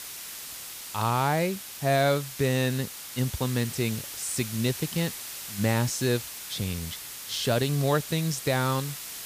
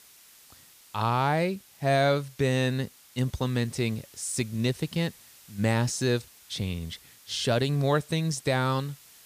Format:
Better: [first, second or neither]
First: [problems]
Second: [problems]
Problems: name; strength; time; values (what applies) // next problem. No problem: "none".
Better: second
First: hiss; loud; throughout; 8 dB below the speech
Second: hiss; faint; throughout; 25 dB below the speech